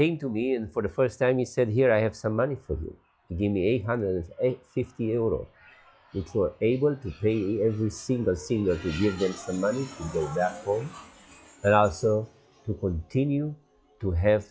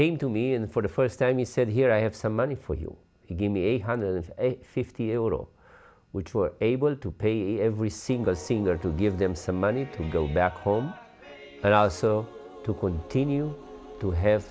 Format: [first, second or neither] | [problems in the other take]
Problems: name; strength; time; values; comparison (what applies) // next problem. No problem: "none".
second | noise reduction (classical method log-MMSE)